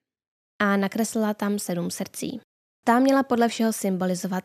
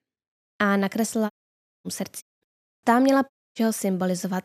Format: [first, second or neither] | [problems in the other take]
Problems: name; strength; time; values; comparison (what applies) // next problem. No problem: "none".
first | audio cutting out; at 1.5 s for 0.5 s, at 2 s and at 3.5 s